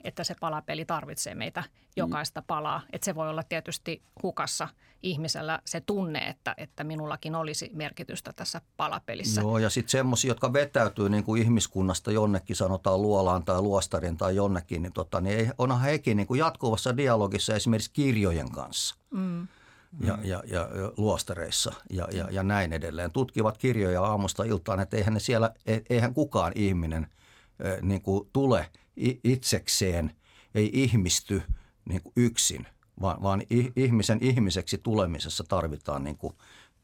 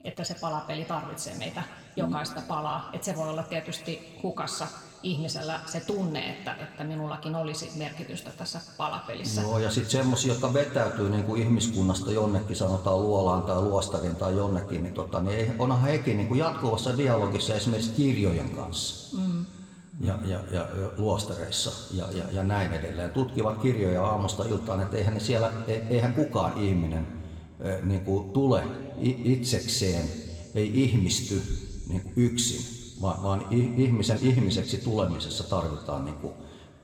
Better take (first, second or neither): first